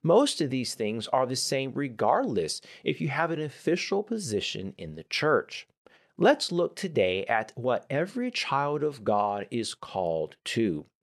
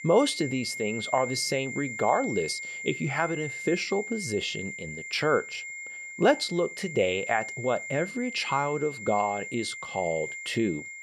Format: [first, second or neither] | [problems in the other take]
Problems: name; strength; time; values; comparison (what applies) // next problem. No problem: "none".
first | high-pitched whine; loud; throughout; 2 kHz, 8 dB below the speech